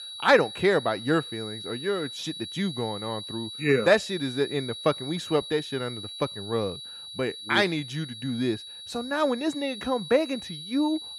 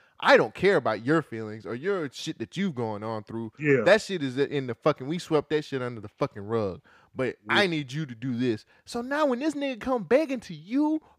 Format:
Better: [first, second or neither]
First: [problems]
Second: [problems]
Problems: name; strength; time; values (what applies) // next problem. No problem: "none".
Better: second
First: high-pitched whine; loud; throughout; 4 kHz, 10 dB below the speech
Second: none